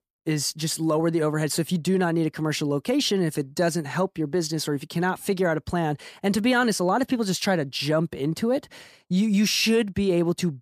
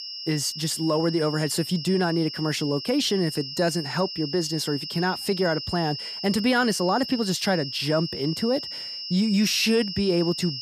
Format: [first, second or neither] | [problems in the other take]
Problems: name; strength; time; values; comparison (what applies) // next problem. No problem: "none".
first | high-pitched whine; loud; throughout; 5.5 kHz, 7 dB below the speech